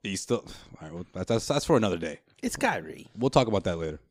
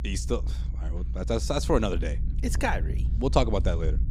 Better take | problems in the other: first | low rumble; noticeable; throughout; 20 dB below the speech

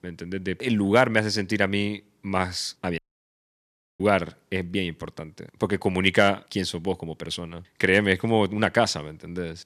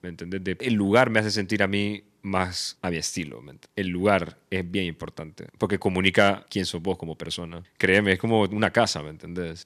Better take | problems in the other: second | audio cutting out; at 3 s for 1 s

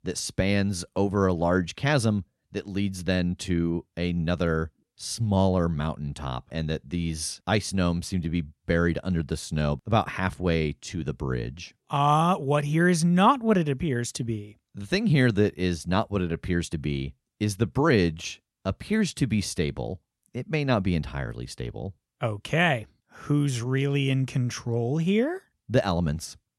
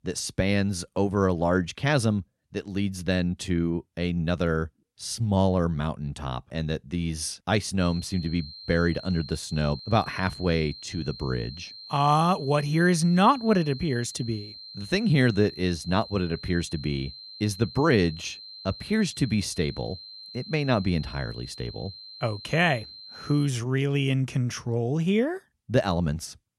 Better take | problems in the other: first | high-pitched whine; noticeable; from 8 to 23 s; 4 kHz, 15 dB below the speech

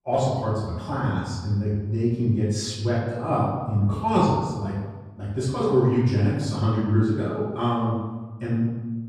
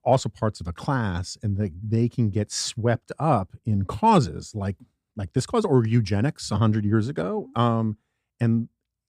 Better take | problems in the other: second | off-mic speech; far // room echo; noticeable; dies away in 1.1 s

